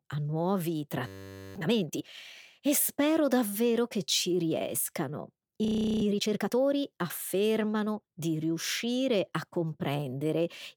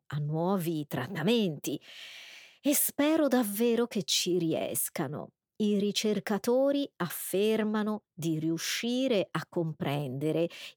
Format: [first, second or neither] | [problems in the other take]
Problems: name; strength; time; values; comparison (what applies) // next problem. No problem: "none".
second | audio freezing; at 1 s and at 5.5 s